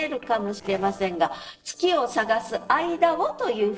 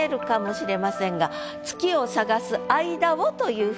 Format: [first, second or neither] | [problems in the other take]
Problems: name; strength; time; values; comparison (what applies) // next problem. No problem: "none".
second | noise reduction (neural separator model SepFormer DNS4)